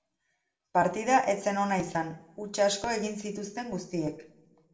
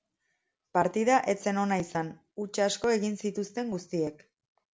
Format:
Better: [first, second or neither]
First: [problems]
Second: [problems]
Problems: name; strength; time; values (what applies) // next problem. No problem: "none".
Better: second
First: room echo; dies away in 0.5 s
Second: none